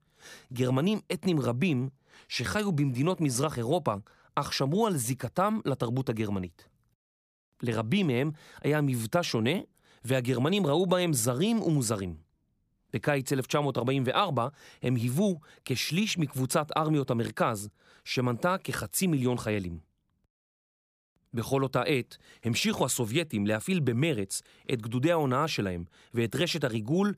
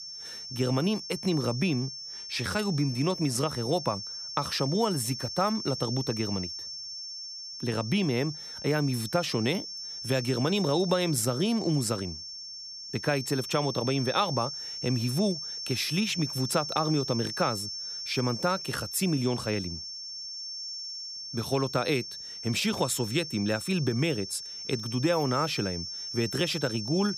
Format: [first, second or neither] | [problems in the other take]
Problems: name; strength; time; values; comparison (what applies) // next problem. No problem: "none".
first | high-pitched whine; loud; throughout; 5.5 kHz, 7 dB below the speech